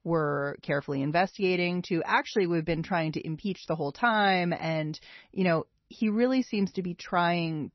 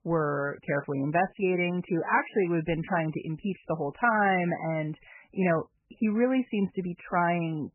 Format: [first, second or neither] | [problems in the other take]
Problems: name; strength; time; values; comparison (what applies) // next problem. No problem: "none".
first | garbled, watery; badly; nothing above 3 kHz; slightly in the first